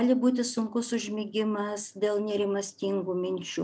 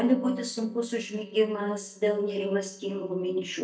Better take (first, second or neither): first